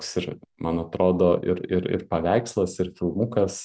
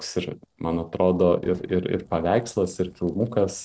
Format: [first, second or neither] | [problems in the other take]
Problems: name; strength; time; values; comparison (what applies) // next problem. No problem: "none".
first | noise reduction (neural separator model SepFormer DNS4)